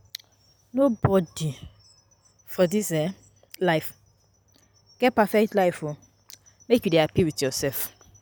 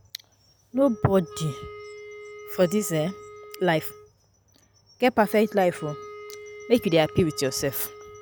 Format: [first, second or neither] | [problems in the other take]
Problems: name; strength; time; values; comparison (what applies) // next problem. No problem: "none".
first | background sound (Wind instrument, woodwind instrument); 17 dB below the speech